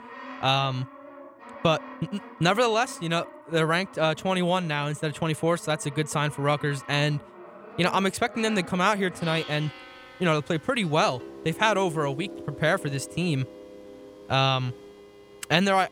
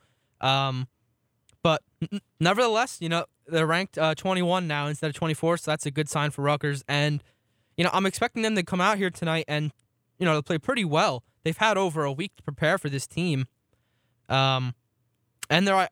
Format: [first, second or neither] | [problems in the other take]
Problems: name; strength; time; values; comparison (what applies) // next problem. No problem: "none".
second | background music; noticeable; throughout; 15 dB below the speech